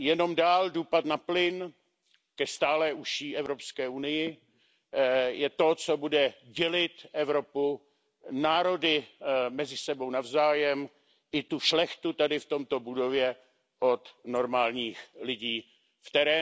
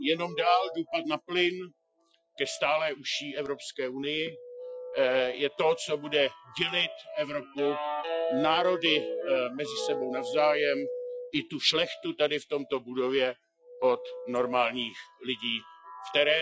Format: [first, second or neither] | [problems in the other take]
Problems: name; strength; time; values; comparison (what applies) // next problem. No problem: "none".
first | noise reduction (classical method Wiener filter)